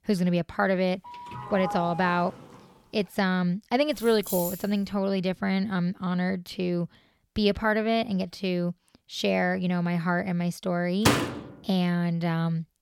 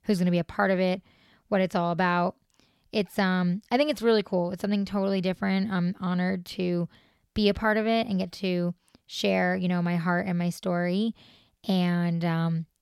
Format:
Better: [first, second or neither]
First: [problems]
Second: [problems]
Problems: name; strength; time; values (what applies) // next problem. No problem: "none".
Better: second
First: doorbell; noticeable; from 1 to 2.5 s; peak 7 dB below the speech // jangling keys; noticeable; at 4 s; peak 5 dB below the speech // door banging; loud; at 11 s; peak 3 dB above the speech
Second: none